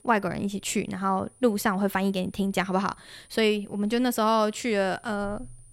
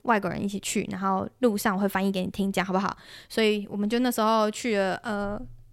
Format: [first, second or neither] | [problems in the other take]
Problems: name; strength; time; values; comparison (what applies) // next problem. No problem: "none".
second | high-pitched whine; faint; throughout; 9.5 kHz, 30 dB below the speech